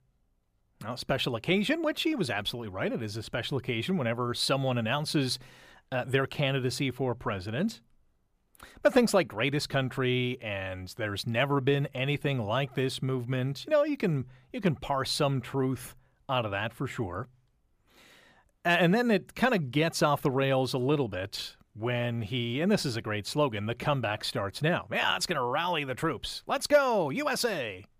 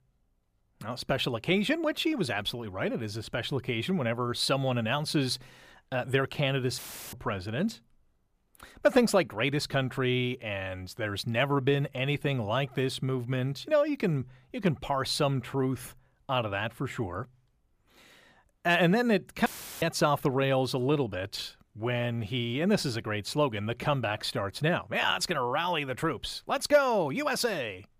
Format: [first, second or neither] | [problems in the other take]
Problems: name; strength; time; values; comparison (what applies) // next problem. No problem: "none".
first | audio cutting out; filled with static; at 7 s and at 19 s